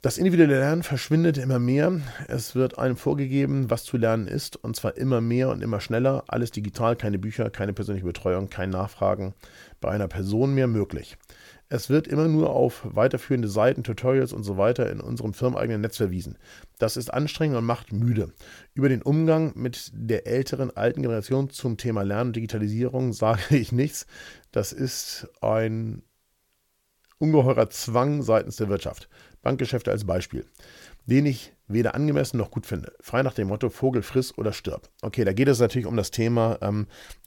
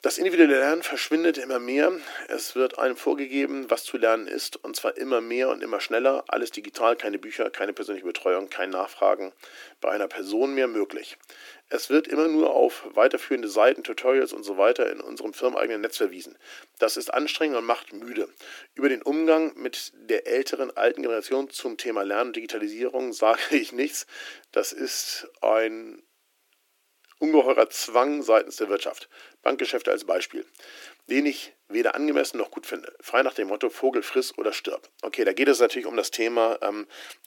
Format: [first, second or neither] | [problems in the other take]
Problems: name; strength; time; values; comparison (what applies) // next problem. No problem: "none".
first | thin; somewhat; fading below 300 Hz